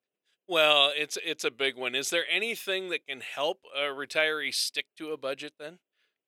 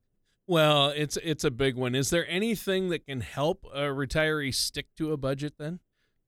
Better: second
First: thin; very; fading below 500 Hz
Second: none

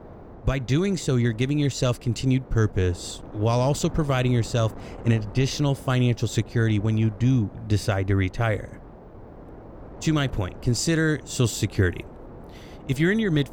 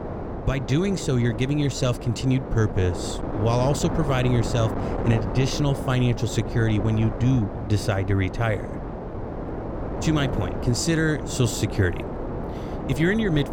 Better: first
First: wind noise on the microphone; occasional gusts; 15 dB below the speech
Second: wind noise on the microphone; heavy; 6 dB below the speech

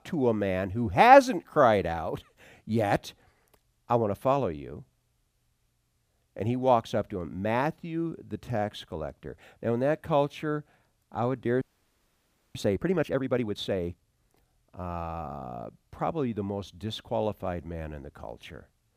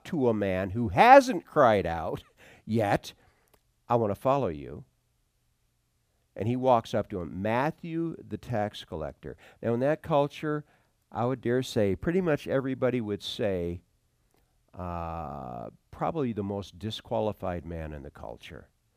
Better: second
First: audio freezing; at 12 s for 1 s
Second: none

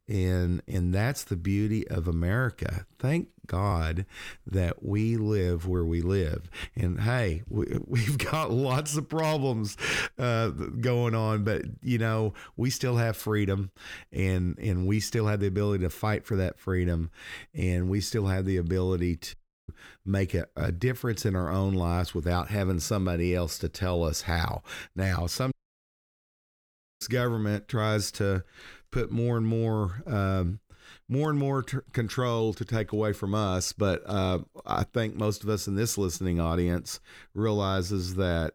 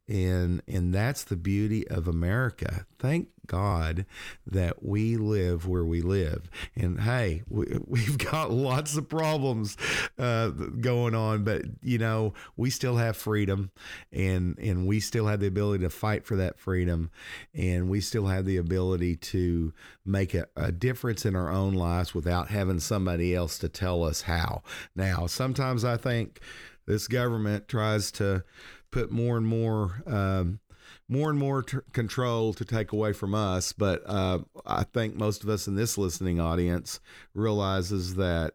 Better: second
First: audio cutting out; at 19 s and at 26 s for 1.5 s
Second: none

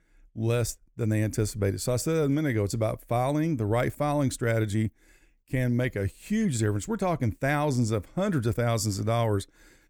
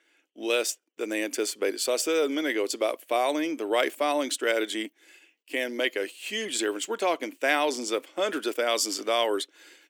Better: first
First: none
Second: thin; very; fading below 300 Hz

